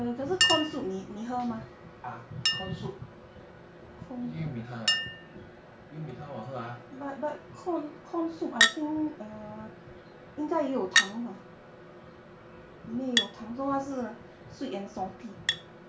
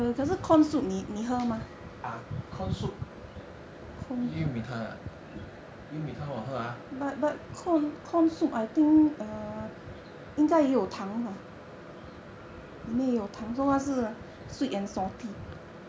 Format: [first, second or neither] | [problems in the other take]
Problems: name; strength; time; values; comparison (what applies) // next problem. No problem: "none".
second | background sound (Chink, clink); as loud as the speech // room echo; dies away in 0.3 s